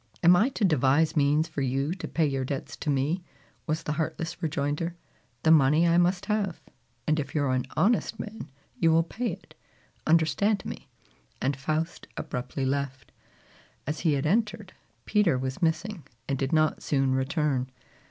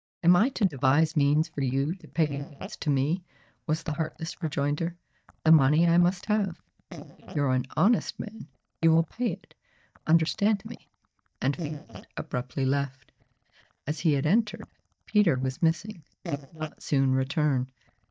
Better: first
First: none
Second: noise reduction (neural mask model DeepFilterNet 3)

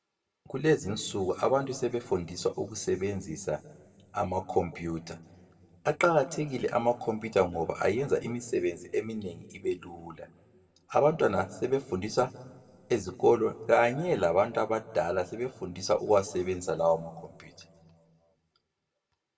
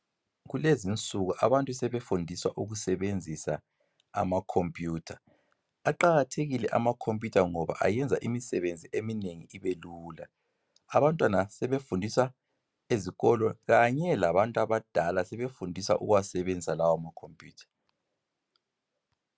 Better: second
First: room echo; dies away in 1.2 s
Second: none

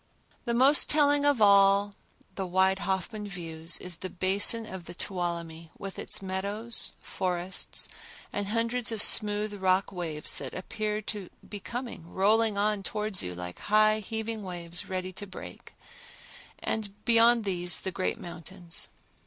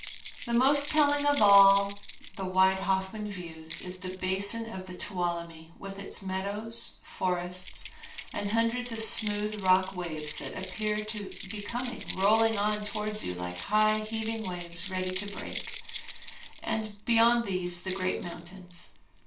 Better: first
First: none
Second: background sound (Keys jangling); 13 dB below the speech // room echo; dies away in 0.3 s

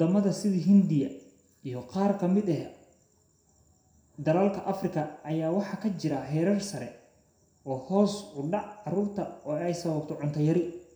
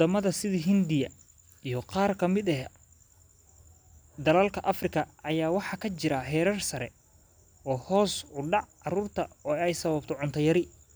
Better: second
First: room echo; dies away in 0.6 s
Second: none

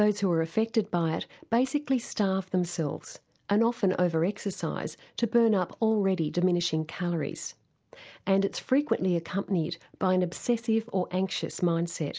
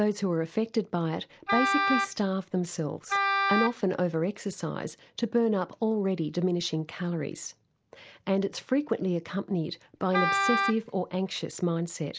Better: first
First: none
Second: background sound (Wind instrument, woodwind instrument); as loud as the speech

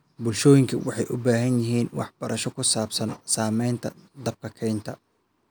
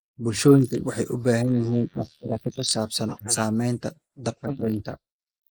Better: first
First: none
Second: noise reduction (neural mask model Resemble Enhance denoiser)

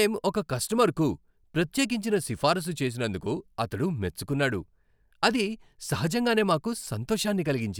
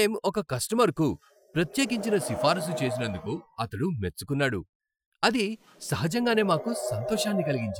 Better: first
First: none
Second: noise reduction (classical method Wiener filter)

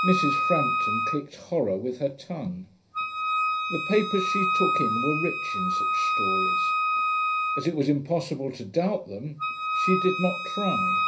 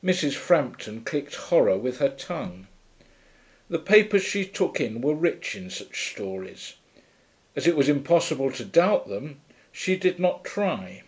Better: second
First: background sound (Wind instrument, woodwind instrument); 1 dB above the speech // room echo; dies away in 0.4 s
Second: none

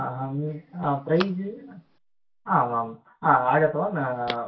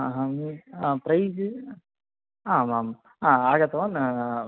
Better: second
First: background sound (Telephone); 18 dB below the speech // room echo; dies away in 0.2 s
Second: none

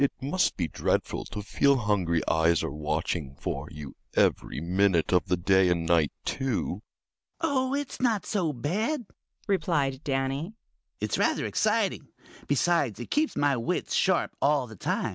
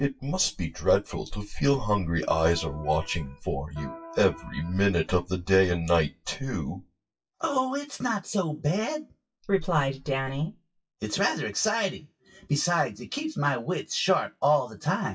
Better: first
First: none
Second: noise reduction (classical method WPE with log-MMSE)

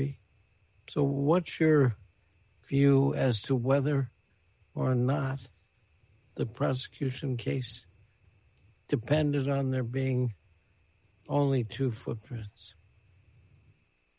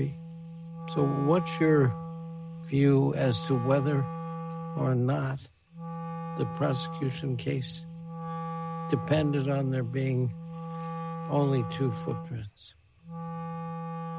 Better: first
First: none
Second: background sound (Wind instrument, woodwind instrument); 8 dB below the speech

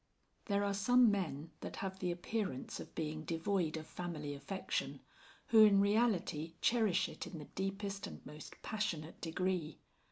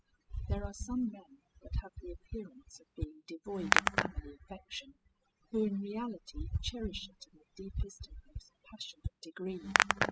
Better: first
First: none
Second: noise reduction (classical method spectral subtraction)

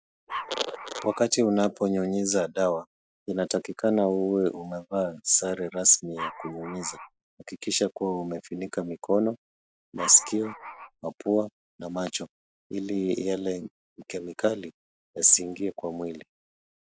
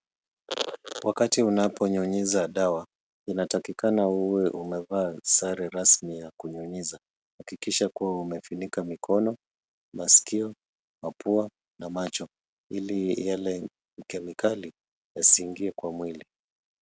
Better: second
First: noise reduction (classical method Wiener filter)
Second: none

